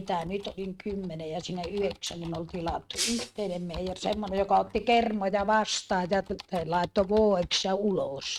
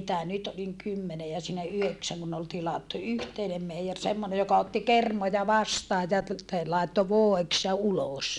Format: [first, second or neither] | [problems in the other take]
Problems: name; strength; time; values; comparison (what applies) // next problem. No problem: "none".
second | noise reduction (neural mask model RNNoise)